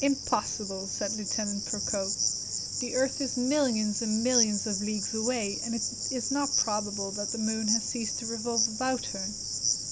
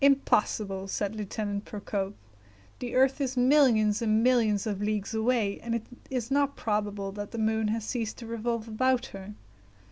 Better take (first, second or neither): second